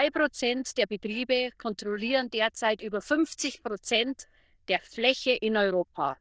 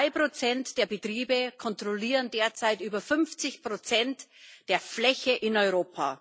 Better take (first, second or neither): second